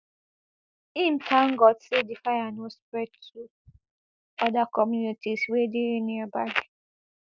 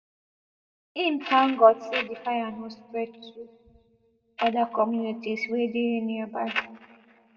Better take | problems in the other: first | room echo; dies away in 1.1 s

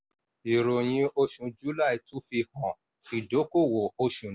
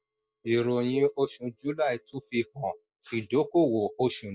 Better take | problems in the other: first | noise reduction (neural mask model DeepFilterNet 3)

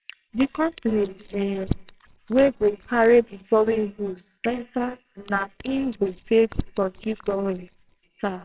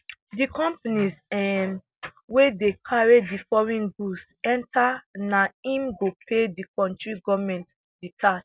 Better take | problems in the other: second | noise reduction (neural separator model SepFormer WHAMR!)

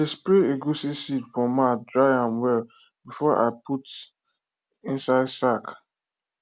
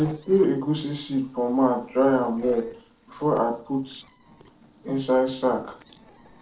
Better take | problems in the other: first | noise reduction (neural separator model SepFormer DNS4)

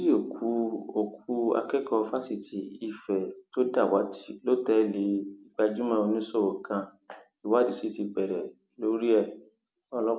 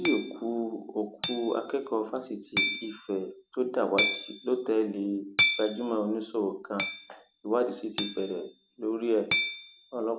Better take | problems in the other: first | background sound (Hammer); 4 dB below the speech

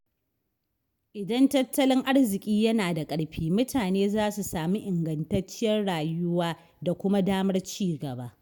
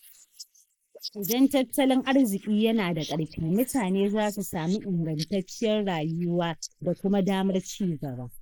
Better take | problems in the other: first | noise reduction (neural mask model Resemble Enhance denoiser)

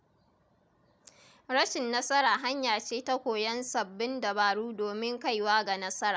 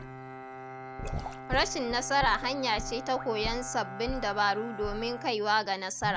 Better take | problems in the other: first | background sound (Sink (filling or washing) / Gurgling / Liquid + Bowed string instrument); 8 dB below the speech

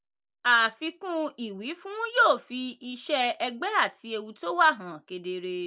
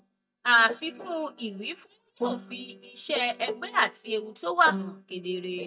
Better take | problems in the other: first | noise reduction (neural mask model DeepFilterNet 3)

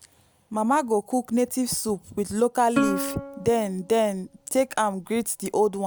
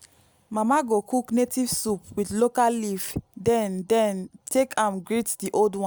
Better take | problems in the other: second | background sound (Plucked string instrument); 7 dB below the speech

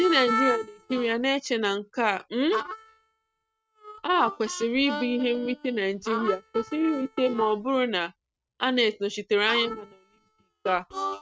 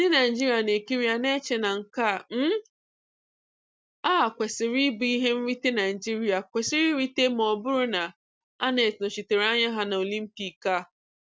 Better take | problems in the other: second | noise reduction (neural mask model RNNoise)

